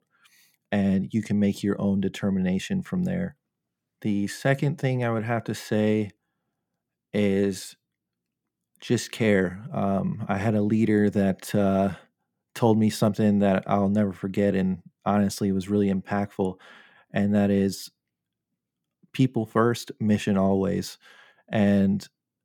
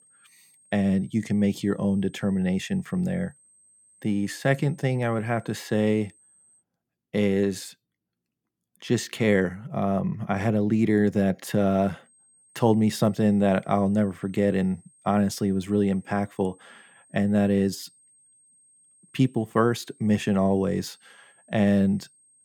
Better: first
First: none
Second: high-pitched whine; faint; until 6.5 s and from 12 s on; 8.5 kHz, 30 dB below the speech

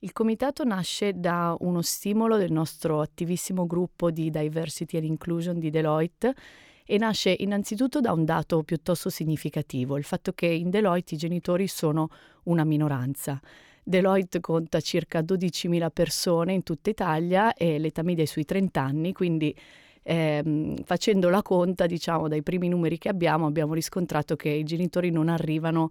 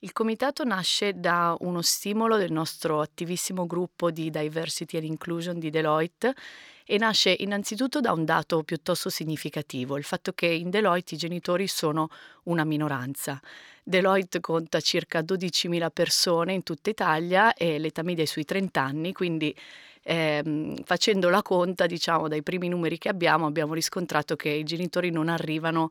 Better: first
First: none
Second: thin; very slightly; fading below 550 Hz

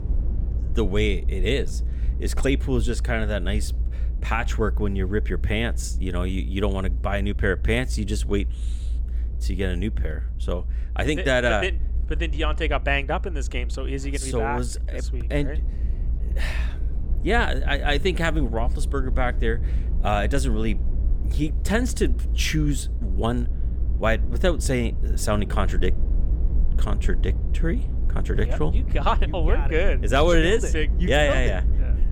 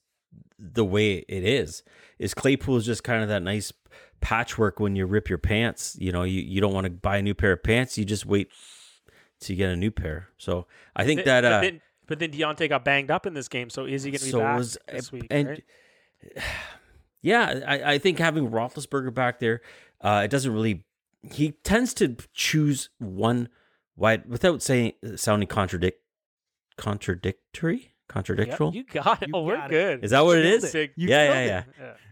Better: second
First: low rumble; noticeable; throughout; 20 dB below the speech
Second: none

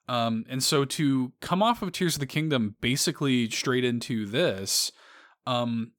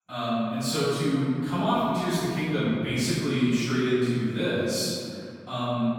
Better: first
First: none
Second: room echo; strong; dies away in 2.4 s // off-mic speech; far

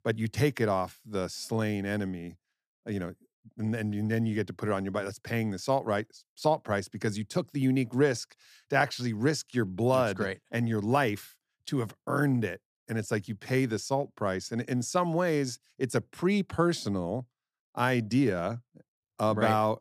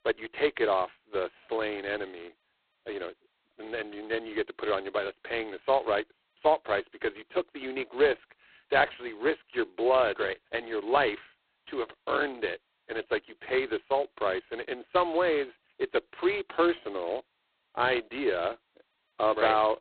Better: first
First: none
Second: phone-call audio; poor line; nothing above 4 kHz

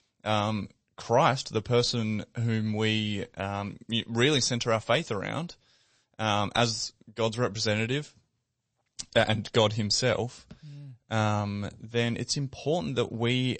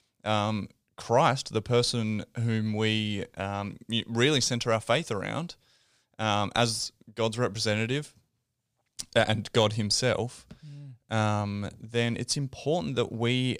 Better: second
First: garbled, watery; slightly; nothing above 8 kHz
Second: none

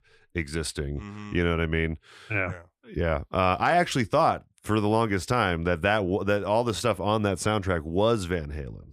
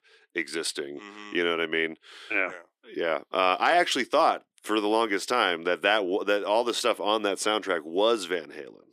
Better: first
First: none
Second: thin; somewhat; fading below 300 Hz

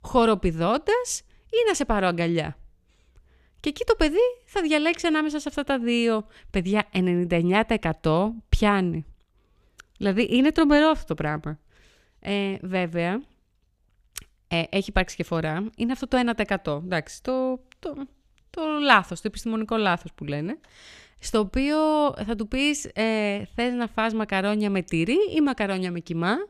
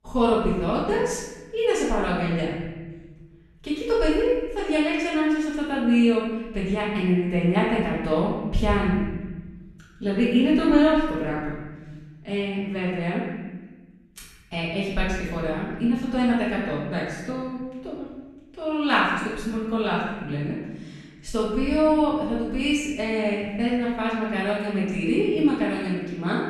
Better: first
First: none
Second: off-mic speech; far // room echo; noticeable; dies away in 1.3 s

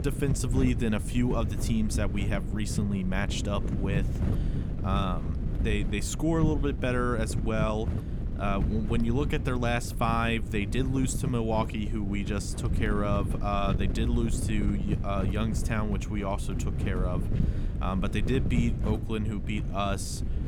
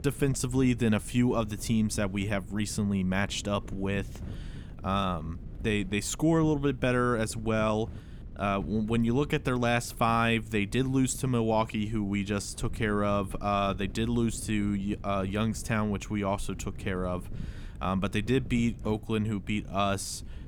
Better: second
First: wind noise on the microphone; heavy; 10 dB below the speech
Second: wind noise on the microphone; occasional gusts; 25 dB below the speech

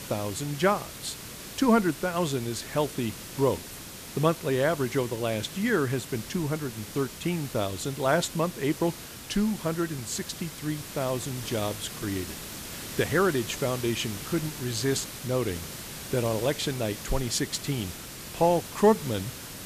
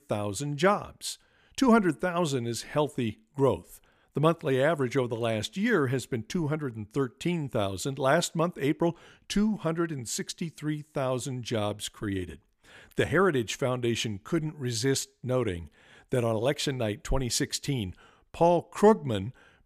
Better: second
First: hiss; loud; throughout; 10 dB below the speech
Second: none

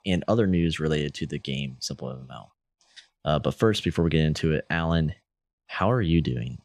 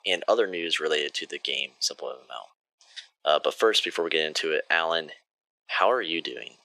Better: first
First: none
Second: thin; very; fading below 450 Hz

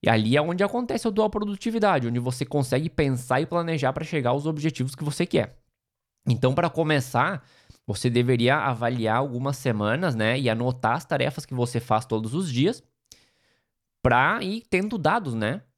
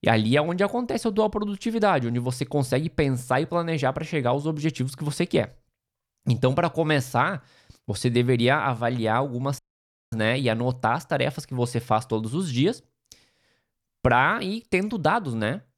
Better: first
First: none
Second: audio cutting out; at 9.5 s for 0.5 s

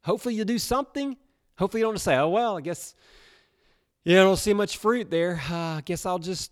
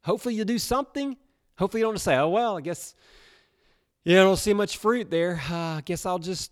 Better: neither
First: none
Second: none

